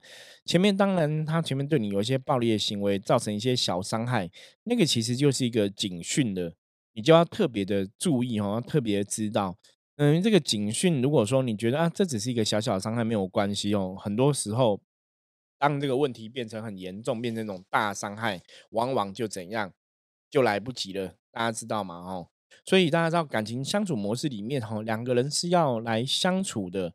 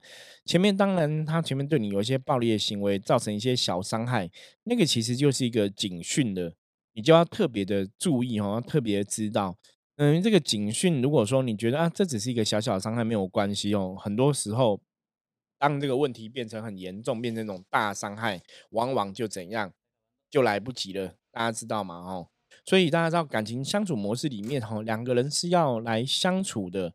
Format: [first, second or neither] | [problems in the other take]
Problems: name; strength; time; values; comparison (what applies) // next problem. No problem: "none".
first | traffic noise; very faint; throughout; 30 dB below the speech